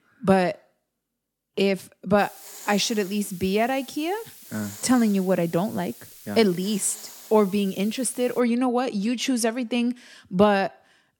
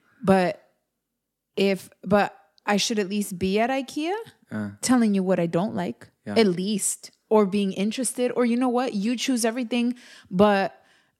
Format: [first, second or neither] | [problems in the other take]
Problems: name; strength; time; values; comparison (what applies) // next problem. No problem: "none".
second | hiss; noticeable; from 2 to 8.5 s; 15 dB below the speech